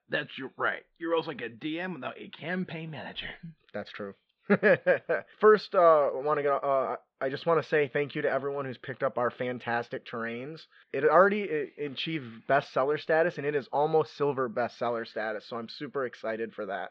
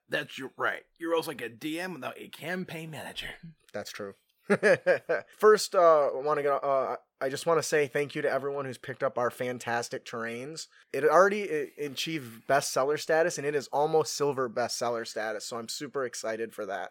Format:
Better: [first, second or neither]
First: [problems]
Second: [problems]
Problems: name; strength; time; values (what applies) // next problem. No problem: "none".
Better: second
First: muffled; slightly; fading above 4 kHz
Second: none